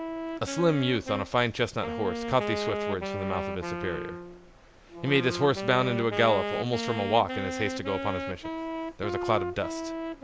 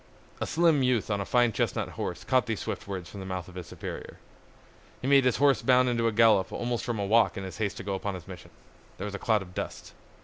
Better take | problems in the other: second | background sound (Wind instrument, woodwind instrument); 5 dB below the speech

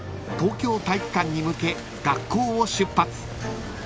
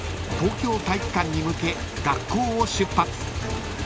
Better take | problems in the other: first | background sound (Motorcycle / Engine); 6 dB below the speech

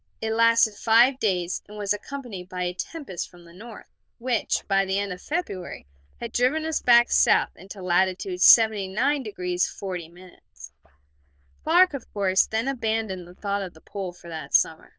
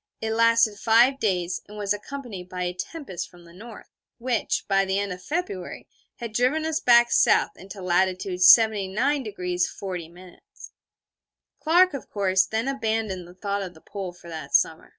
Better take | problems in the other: second | noise reduction (neural diffusion model UNIVERSE++)

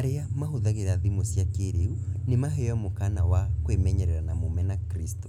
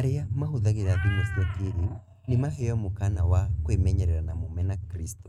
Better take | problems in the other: first | noise reduction (neural mask model RNNoise)

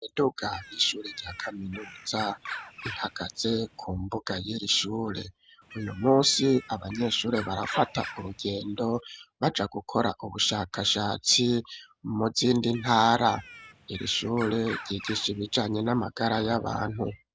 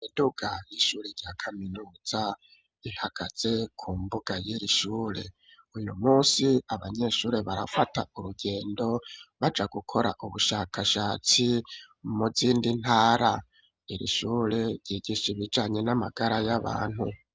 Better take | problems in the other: second | background sound (Bird); 15 dB below the speech

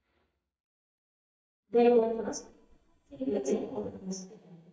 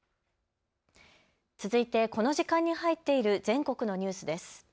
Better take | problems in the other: second | noise reduction (neural mask model DeepFilterNet 3)

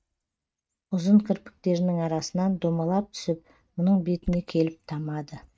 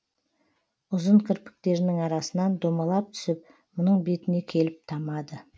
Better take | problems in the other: second | noise reduction (neural mask model RNNoise)

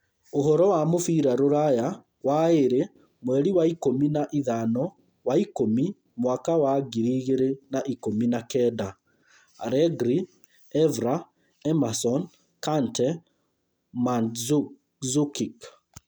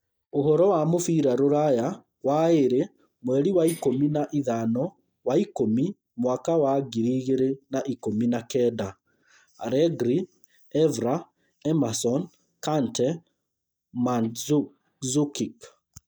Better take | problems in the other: first | noise reduction (neural mask model DeepFilterNet 3)

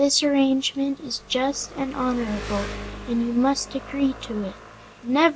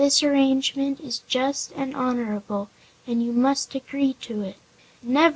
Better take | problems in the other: second | background sound (Engine); 14 dB below the speech

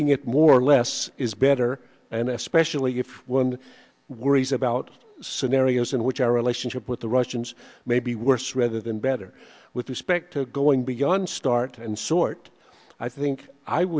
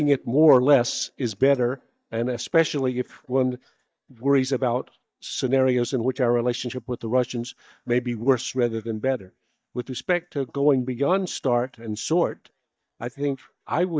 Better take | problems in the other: first | noise reduction (neural mask model DeepFilterNet 3)

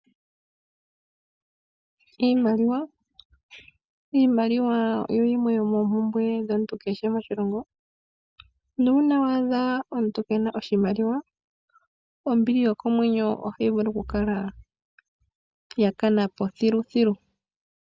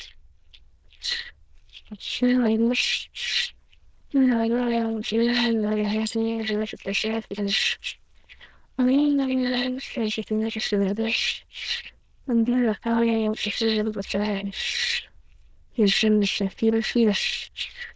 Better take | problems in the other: first | noise reduction (neural diffusion model UNIVERSE++)

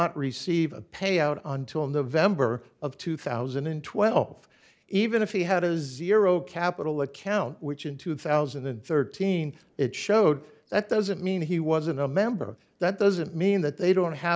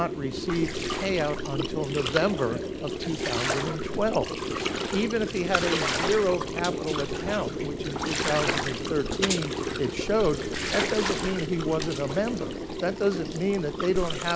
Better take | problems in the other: first | background sound (Gurgling); 1 dB below the speech

